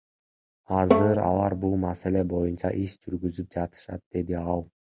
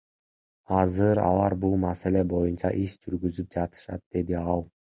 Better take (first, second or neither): second